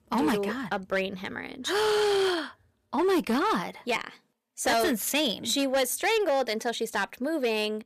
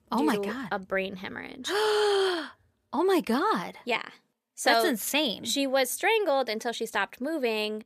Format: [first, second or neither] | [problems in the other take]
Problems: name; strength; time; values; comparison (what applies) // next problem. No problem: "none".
second | distortion; slight; 9% of the sound clipped